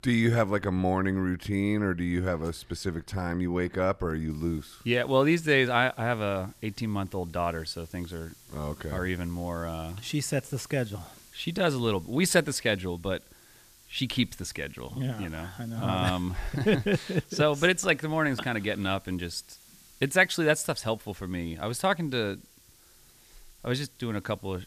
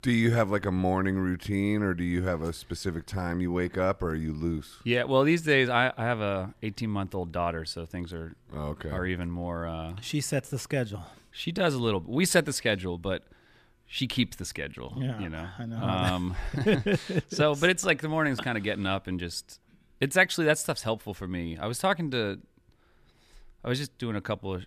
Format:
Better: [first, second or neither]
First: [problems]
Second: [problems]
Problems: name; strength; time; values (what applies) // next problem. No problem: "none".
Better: second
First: hiss; faint; from 4.5 s on; 25 dB below the speech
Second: none